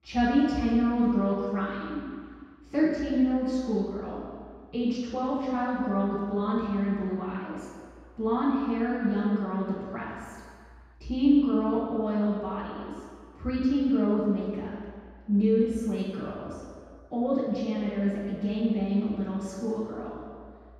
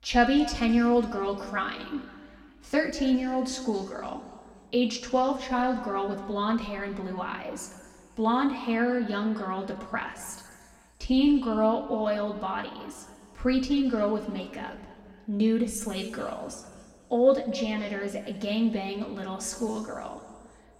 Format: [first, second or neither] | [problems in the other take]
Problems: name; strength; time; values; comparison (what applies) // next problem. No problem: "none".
second | room echo; strong; dies away in 2 s; slight in the second // off-mic speech; far; somewhat distant in the second